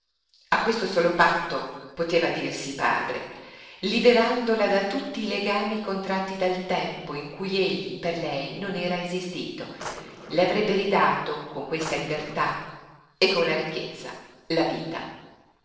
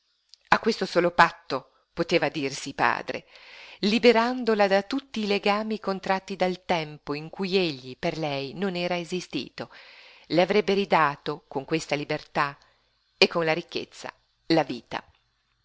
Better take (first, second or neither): second